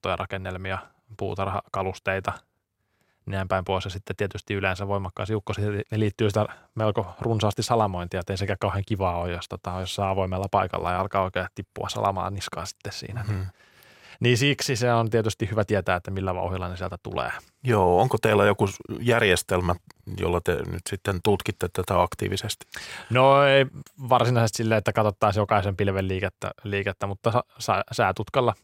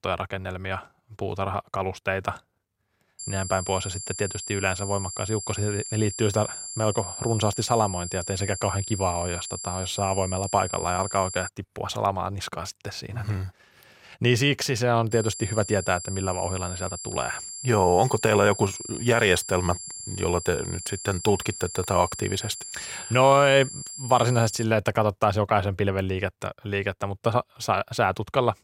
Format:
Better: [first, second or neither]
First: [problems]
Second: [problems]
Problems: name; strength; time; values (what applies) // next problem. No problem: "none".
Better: first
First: none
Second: high-pitched whine; loud; from 3 to 11 s and from 15 to 25 s; 7.5 kHz, 8 dB below the speech